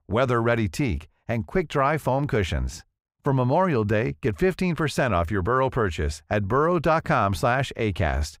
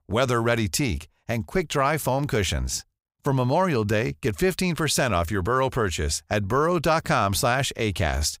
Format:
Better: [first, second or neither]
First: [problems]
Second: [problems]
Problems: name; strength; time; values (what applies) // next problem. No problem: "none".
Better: second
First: muffled; slightly; fading above 3.5 kHz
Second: none